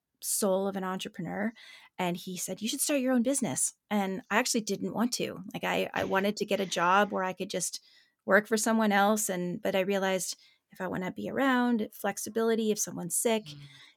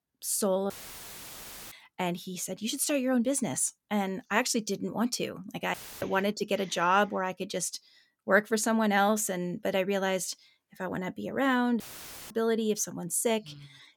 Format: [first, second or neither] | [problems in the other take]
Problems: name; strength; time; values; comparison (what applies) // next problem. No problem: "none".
first | audio cutting out; filled with static; at 0.5 s for 1 s, at 5.5 s and at 12 s for 0.5 s